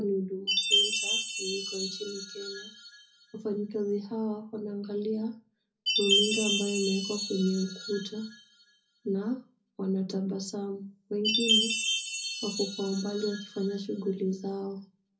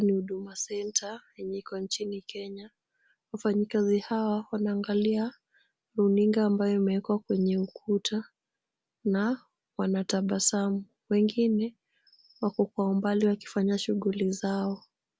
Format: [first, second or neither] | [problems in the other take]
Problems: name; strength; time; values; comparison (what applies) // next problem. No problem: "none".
second | background sound (Chime); 1 dB below the speech // room echo; dies away in 0.4 s